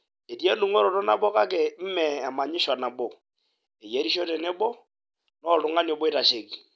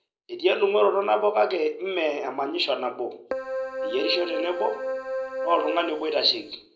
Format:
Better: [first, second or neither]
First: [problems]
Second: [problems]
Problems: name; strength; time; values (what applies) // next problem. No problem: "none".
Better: first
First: none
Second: background sound (Keyboard (musical)); 5 dB below the speech // room echo; dies away in 0.5 s